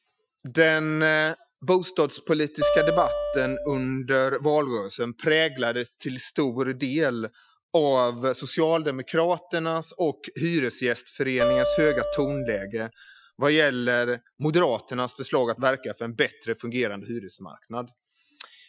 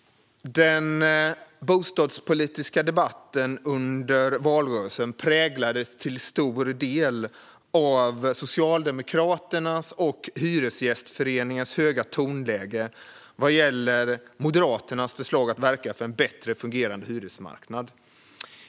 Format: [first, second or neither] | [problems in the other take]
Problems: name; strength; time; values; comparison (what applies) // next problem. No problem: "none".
second | noise reduction (classical method Wiener filter)